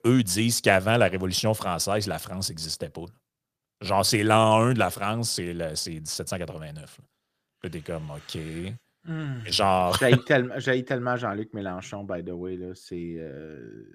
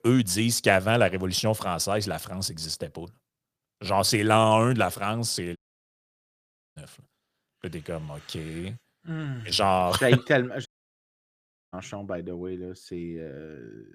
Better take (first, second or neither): first